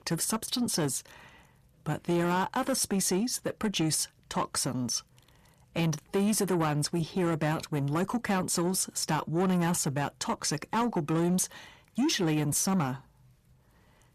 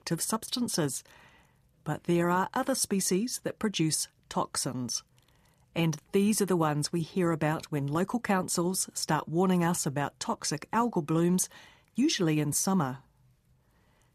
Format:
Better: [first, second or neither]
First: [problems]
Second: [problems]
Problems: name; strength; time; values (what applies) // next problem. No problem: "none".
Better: second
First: distortion; slight; 10 dB below the speech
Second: none